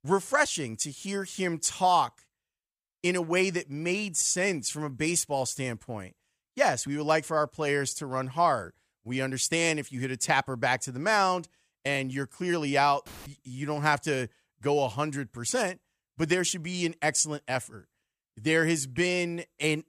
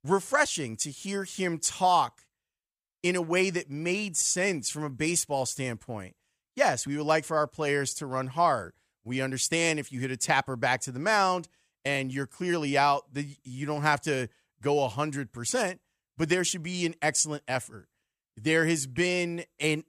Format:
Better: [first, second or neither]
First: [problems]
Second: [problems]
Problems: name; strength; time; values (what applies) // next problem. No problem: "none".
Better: second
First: audio cutting out; filled with static; at 13 s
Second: none